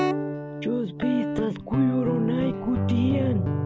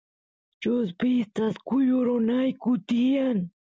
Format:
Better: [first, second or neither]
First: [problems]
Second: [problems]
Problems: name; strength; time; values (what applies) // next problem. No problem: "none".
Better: second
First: background sound (Guitar); as loud as the speech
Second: none